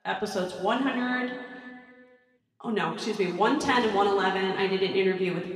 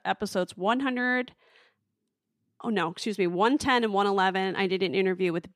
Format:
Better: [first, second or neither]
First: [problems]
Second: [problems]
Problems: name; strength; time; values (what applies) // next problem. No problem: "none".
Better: second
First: room echo; noticeable; dies away in 1.9 s // off-mic speech; somewhat distant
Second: none